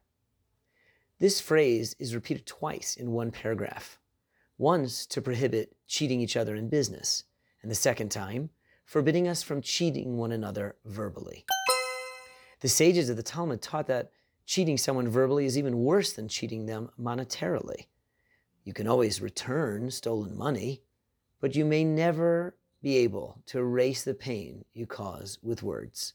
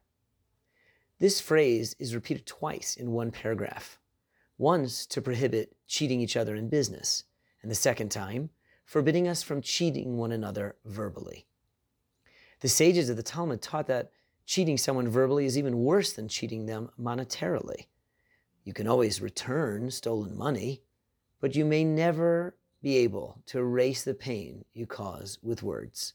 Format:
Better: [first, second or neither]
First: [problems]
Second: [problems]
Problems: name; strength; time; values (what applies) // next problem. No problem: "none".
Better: second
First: alarm; loud; at 11 s; peak 3 dB above the speech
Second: none